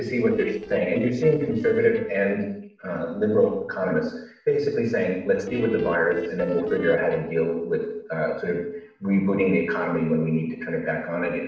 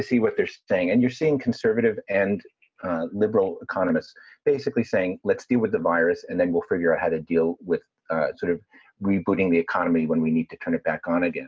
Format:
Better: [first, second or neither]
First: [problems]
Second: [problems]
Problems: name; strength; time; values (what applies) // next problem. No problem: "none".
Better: second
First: noise reduction (neural separator model SepFormer DNS4)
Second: none